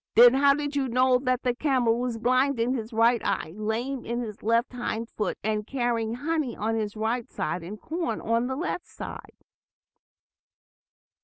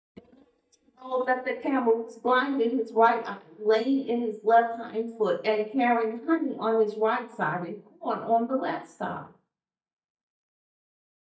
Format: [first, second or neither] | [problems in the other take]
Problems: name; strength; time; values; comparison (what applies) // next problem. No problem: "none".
first | noise reduction (neural mask model DeepFilterNet 3)